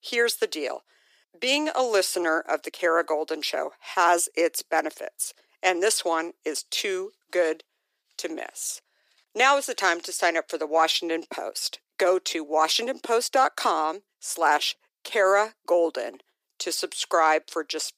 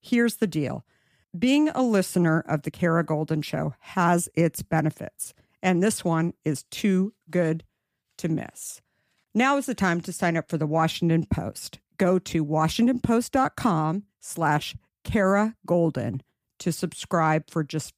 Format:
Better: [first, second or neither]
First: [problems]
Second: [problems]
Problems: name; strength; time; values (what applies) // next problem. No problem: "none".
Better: second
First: thin; very; fading below 350 Hz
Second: none